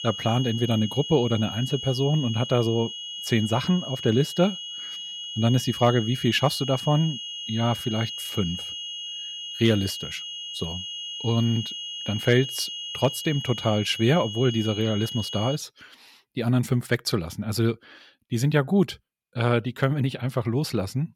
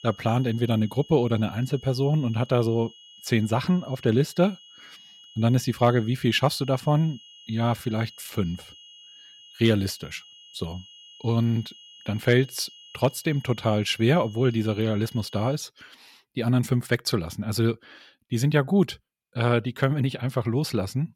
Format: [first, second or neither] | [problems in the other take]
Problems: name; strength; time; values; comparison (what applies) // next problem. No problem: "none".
second | high-pitched whine; loud; until 16 s; 3 kHz, 7 dB below the speech; faint in the second